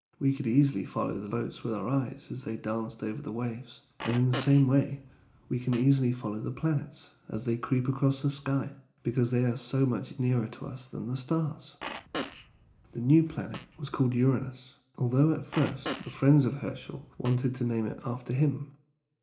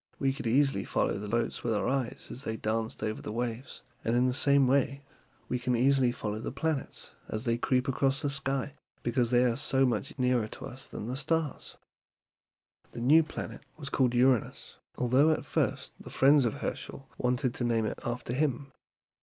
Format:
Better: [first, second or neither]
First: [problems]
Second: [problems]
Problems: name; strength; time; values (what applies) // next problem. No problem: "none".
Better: second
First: background sound (Fart); 13 dB below the speech // room echo; dies away in 0.4 s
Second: none